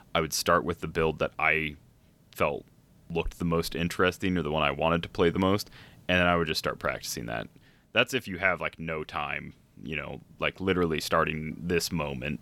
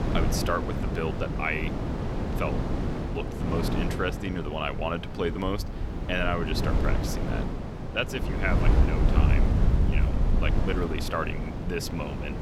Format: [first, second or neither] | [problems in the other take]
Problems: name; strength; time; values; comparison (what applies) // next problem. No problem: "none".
first | wind noise on the microphone; heavy; 4 dB below the speech